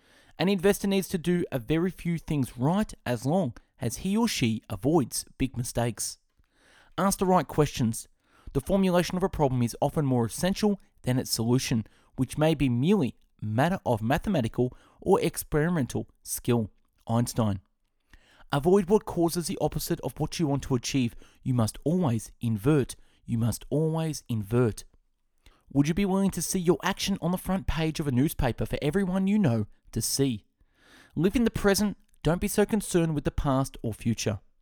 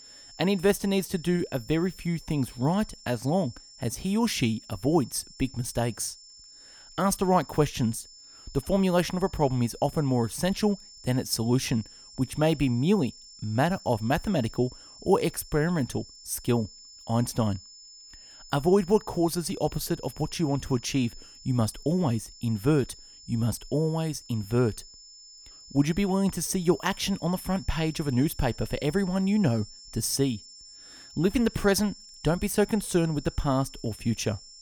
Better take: first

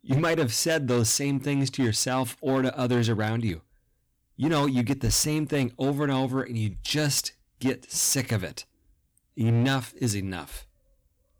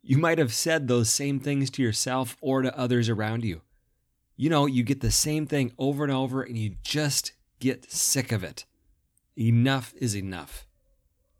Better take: second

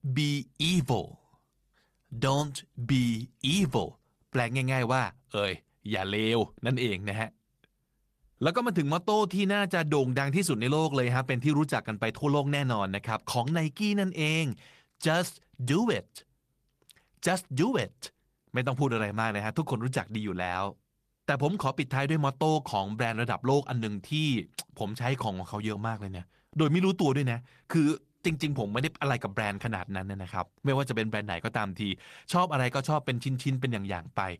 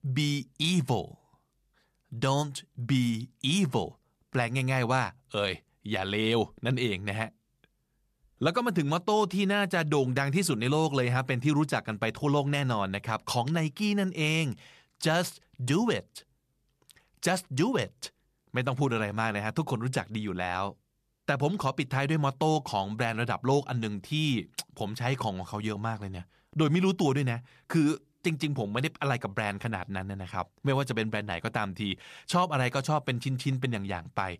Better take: second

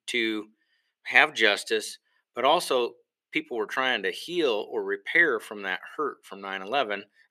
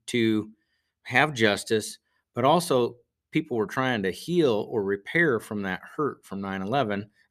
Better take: second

